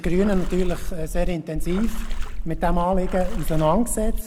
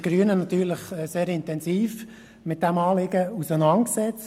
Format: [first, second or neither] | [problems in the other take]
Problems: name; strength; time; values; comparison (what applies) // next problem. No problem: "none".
second | background sound (Water / Splash, splatter); 1 dB above the speech